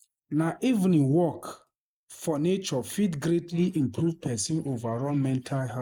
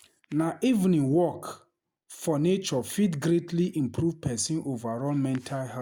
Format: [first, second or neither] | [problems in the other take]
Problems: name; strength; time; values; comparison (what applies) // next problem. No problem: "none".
second | noise reduction (neural mask model Resemble Enhance denoiser)